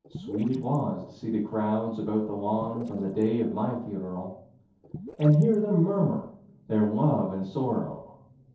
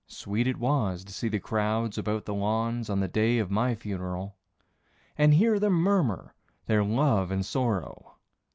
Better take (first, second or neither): second